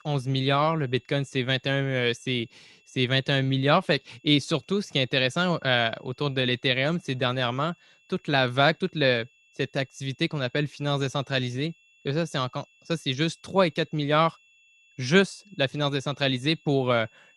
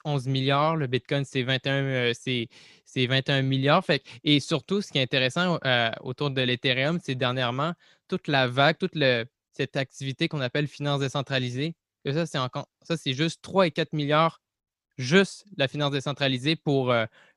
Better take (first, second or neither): second